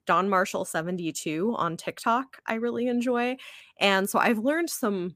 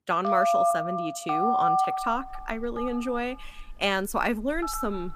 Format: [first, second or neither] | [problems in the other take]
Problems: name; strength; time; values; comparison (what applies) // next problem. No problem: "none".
first | alarms or sirens; very loud; throughout; 2 dB above the speech